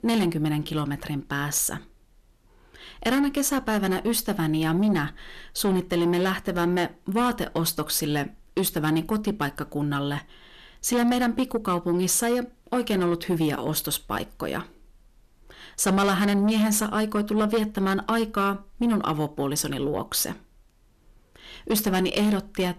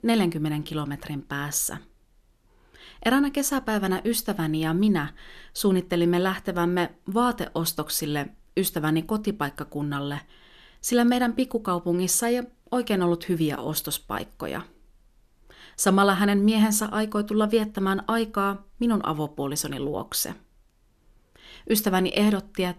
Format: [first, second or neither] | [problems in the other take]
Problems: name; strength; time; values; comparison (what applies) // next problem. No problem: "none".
second | distortion; slight; 10 dB below the speech